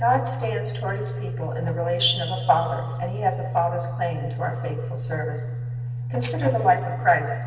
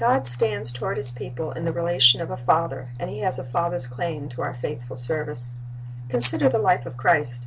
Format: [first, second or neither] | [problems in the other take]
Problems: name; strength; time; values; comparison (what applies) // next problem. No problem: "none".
second | room echo; dies away in 2.1 s